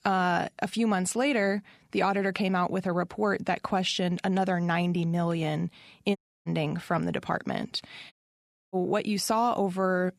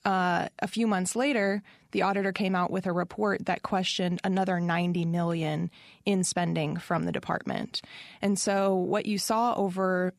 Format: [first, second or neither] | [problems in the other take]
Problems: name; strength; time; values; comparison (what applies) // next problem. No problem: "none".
second | audio cutting out; at 6 s and at 8 s for 0.5 s